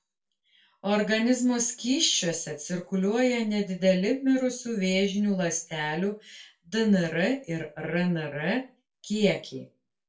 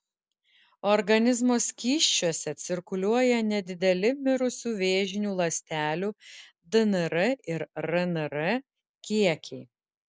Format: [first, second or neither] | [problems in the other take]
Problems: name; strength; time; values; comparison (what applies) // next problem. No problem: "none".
second | room echo; dies away in 0.2 s